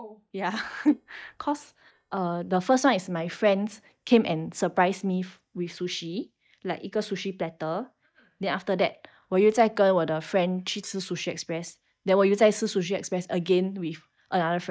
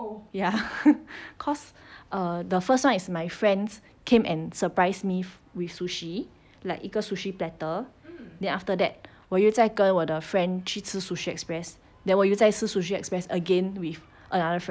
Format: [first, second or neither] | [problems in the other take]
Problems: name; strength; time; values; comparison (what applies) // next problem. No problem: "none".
second | noise reduction (neural mask model DeepFilterNet 3)